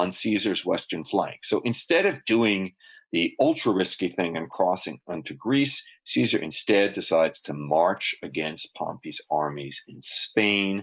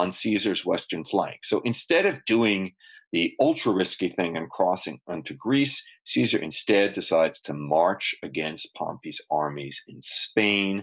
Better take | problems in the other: second | noise reduction (neural mask model Resemble Enhance denoiser)

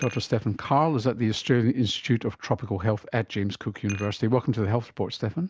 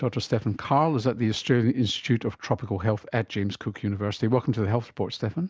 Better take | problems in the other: second | background sound (Dishes, pots, and pans); 20 dB below the speech

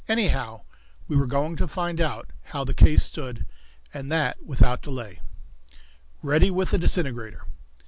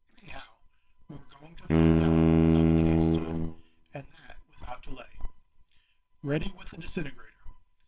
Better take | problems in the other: first | noise reduction (neural separator model SepFormer WHAMR!)

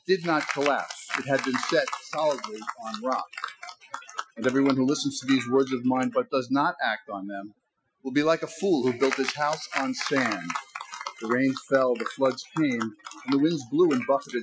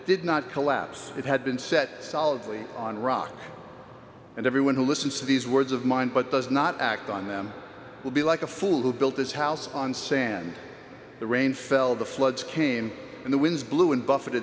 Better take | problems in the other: second | noise reduction (classical method Wiener filter)

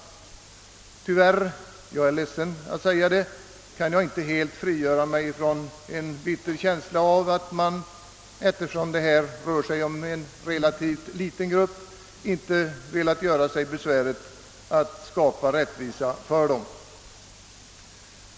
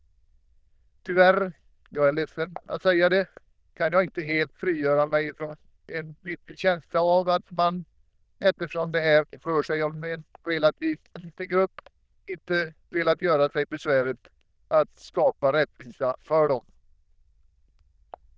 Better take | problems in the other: first | noise reduction (neural diffusion model UNIVERSE++)

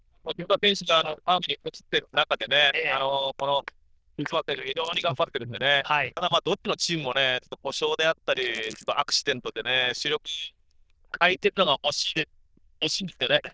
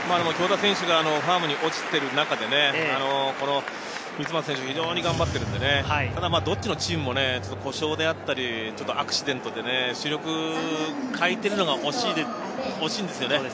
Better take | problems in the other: second | noise reduction (neural diffusion model UNIVERSE++)

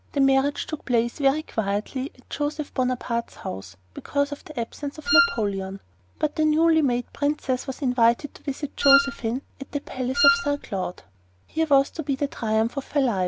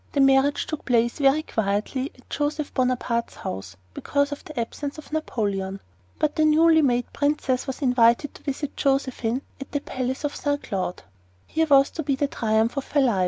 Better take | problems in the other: second | background sound (Wind instrument, woodwind instrument); 1 dB above the speech

